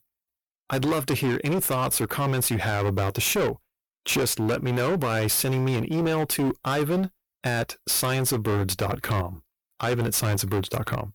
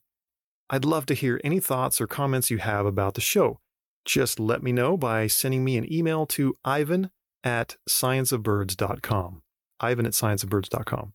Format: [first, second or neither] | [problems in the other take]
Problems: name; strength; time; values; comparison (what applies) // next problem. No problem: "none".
second | distortion; heavy; 21% of the sound clipped